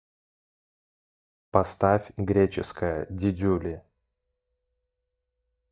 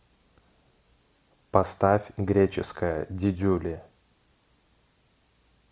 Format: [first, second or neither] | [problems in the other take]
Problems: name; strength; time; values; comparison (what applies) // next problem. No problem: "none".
second | noise reduction (neural mask model DeepFilterNet 3)